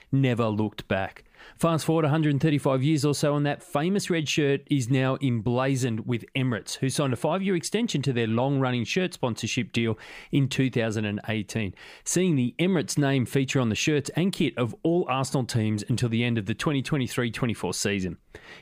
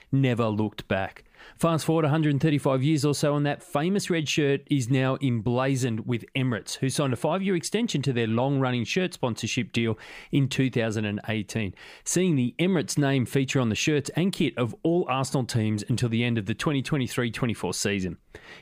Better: neither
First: none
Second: none

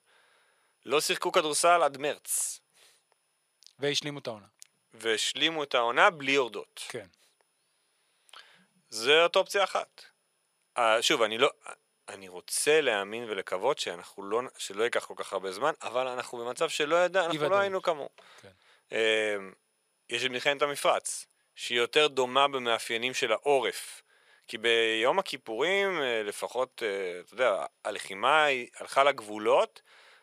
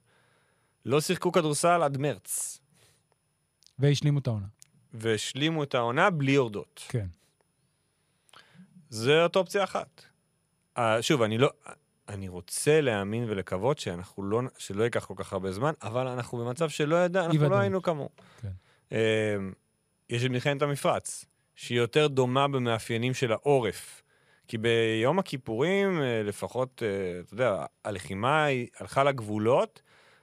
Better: second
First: thin; somewhat; fading below 500 Hz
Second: none

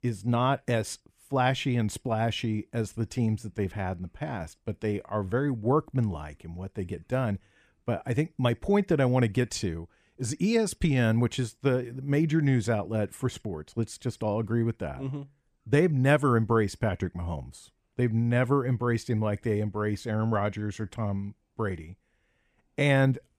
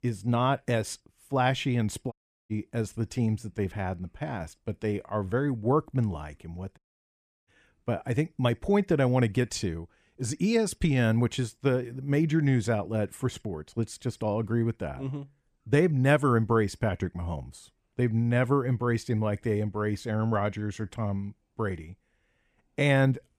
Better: first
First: none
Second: audio cutting out; at 2 s and at 7 s for 0.5 s

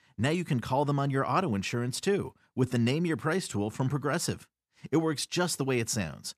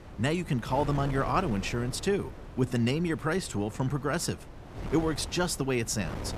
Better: first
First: none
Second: wind noise on the microphone; occasional gusts; 15 dB below the speech

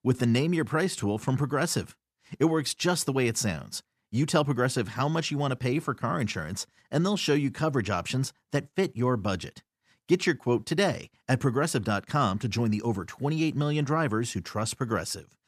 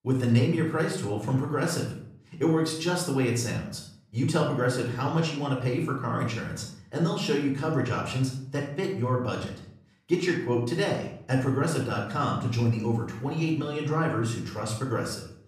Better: first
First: none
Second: off-mic speech; somewhat distant // room echo; noticeable; dies away in 0.5 s

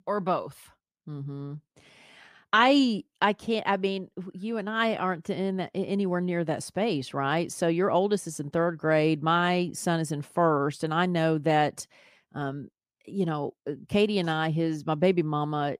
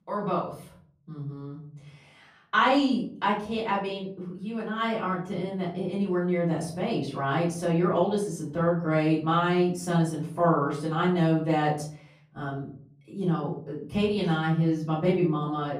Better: first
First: none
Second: off-mic speech; far // room echo; slight; dies away in 0.6 s

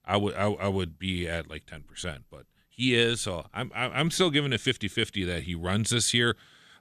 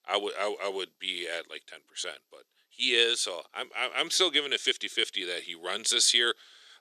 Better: first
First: none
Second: thin; very; fading below 400 Hz

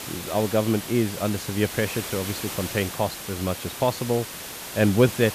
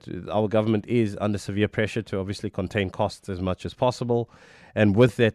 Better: second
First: hiss; loud; throughout; 8 dB below the speech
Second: none

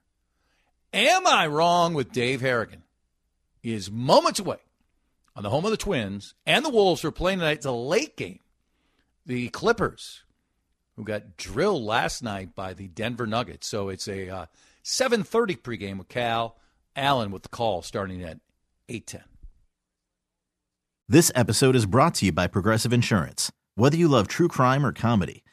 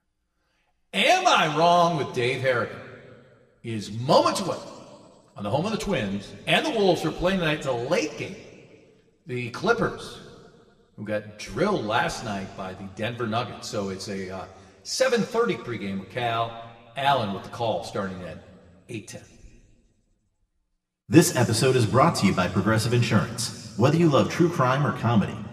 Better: first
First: none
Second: room echo; very slight; dies away in 1.5 s

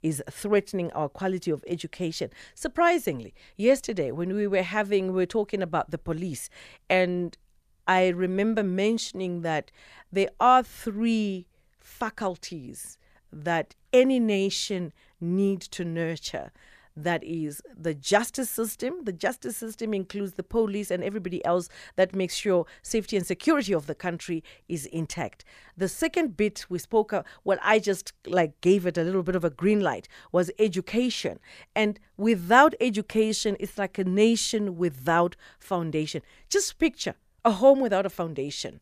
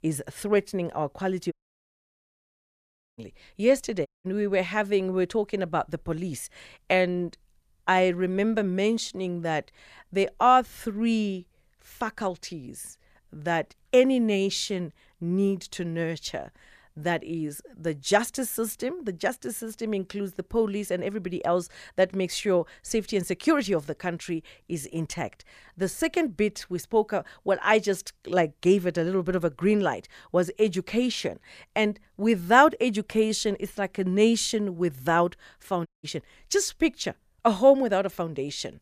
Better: first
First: none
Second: audio cutting out; at 1.5 s for 1.5 s, at 4 s and at 36 s

